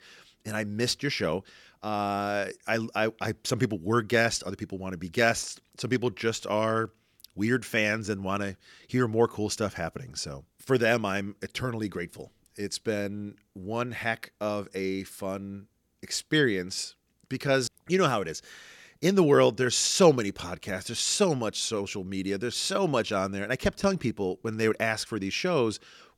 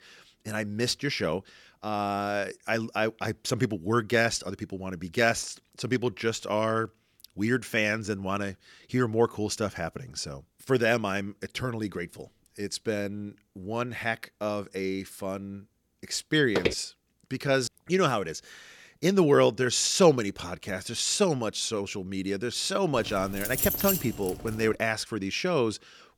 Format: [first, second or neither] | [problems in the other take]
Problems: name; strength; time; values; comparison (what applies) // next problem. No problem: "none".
first | footsteps; noticeable; at 17 s; peak 1 dB below the speech // jangling keys; loud; from 23 to 25 s; peak 3 dB above the speech